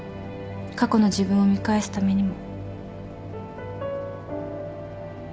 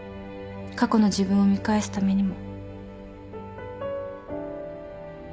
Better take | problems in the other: second | background sound (Mechanical fan); 14 dB below the speech

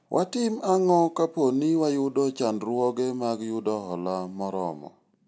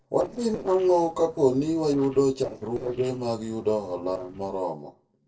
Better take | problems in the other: first | noise reduction (neural separator model SepFormer DNS4)

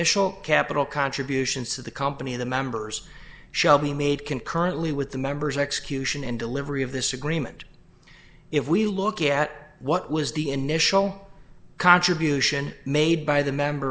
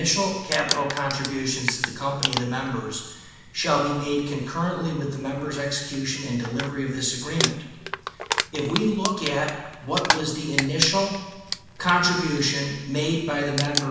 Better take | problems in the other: first | background sound (Crumpling, crinkling); 6 dB below the speech // room echo; dies away in 1.1 s

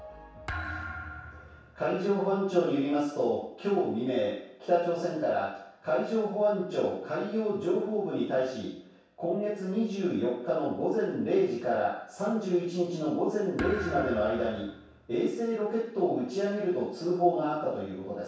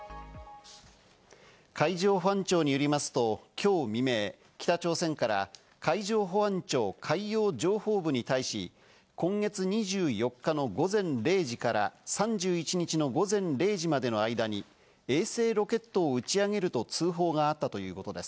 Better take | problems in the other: second | background sound (Thump, thud); 12 dB below the speech // room echo; dies away in 0.7 s

